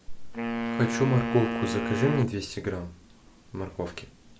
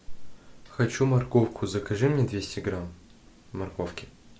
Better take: second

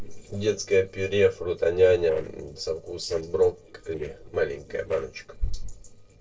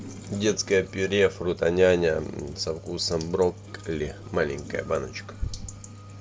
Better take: second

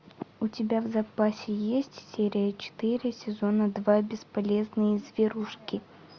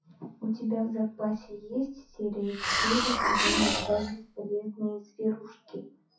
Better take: first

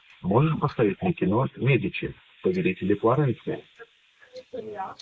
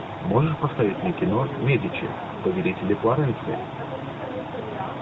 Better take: second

